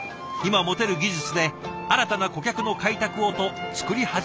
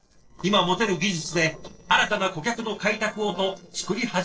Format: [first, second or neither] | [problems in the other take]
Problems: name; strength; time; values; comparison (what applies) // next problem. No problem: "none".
first | noise reduction (neural separator model SepFormer DNS4)